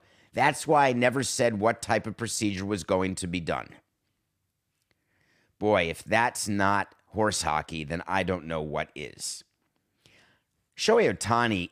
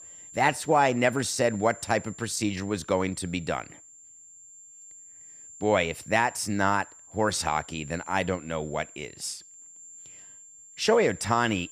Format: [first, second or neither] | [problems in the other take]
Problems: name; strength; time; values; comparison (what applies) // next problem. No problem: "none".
first | high-pitched whine; noticeable; throughout; 7.5 kHz, 20 dB below the speech